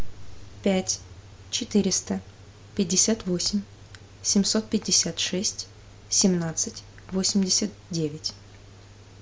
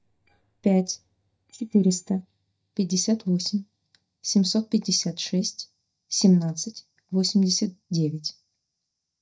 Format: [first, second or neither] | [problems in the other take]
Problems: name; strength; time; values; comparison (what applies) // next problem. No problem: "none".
first | noise reduction (neural mask model DeepFilterNet 3)